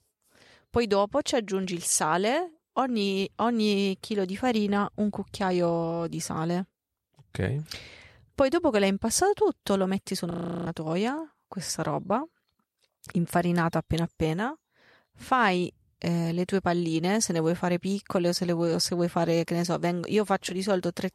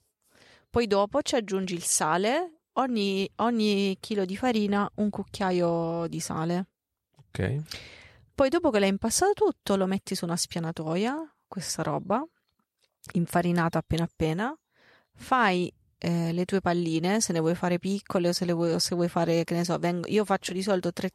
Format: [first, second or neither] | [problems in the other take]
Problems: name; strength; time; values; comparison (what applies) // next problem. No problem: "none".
second | audio freezing; at 10 s